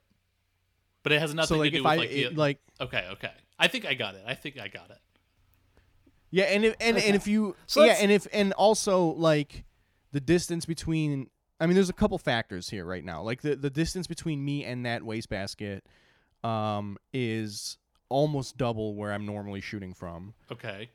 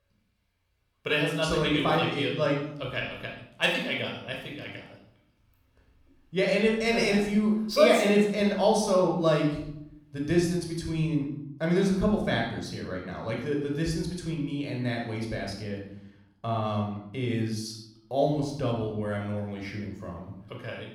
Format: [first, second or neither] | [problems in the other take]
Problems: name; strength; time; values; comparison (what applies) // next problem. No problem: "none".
first | off-mic speech; somewhat distant // room echo; noticeable; dies away in 0.7 s